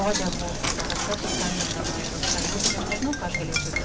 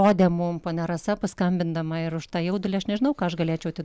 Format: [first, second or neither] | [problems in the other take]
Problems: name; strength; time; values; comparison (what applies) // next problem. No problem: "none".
second | background sound (Knock); 4 dB above the speech // room echo; dies away in 0.2 s